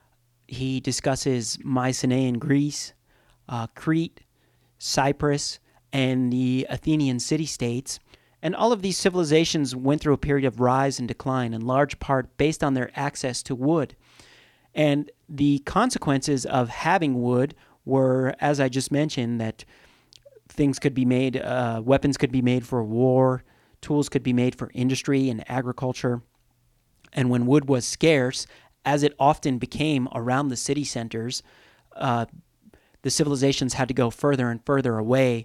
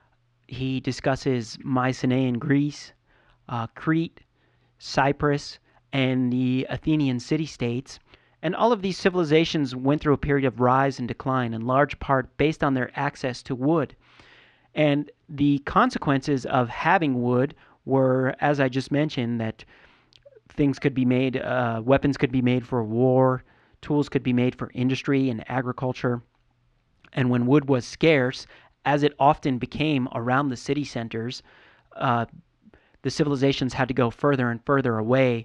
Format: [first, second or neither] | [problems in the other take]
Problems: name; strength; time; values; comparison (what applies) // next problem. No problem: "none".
first | muffled; slightly; fading above 3 kHz